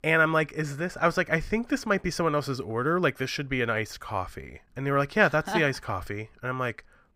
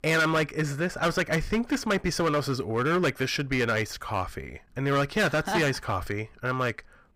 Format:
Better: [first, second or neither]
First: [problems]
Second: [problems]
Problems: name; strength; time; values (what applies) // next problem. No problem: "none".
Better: first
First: none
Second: distortion; heavy; 10% of the sound clipped